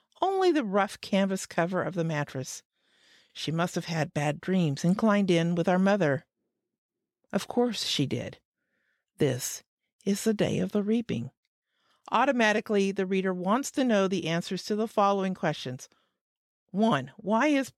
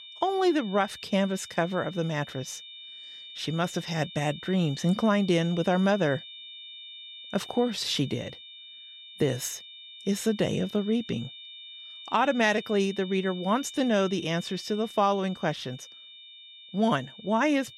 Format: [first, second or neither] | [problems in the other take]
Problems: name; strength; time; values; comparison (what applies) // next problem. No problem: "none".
first | high-pitched whine; noticeable; throughout; 3.5 kHz, 15 dB below the speech